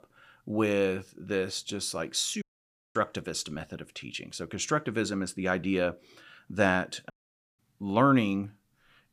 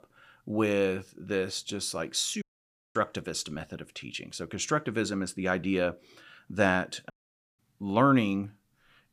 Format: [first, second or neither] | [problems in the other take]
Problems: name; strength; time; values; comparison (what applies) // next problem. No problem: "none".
neither | audio cutting out; at 2.5 s for 0.5 s and at 7 s; the same in both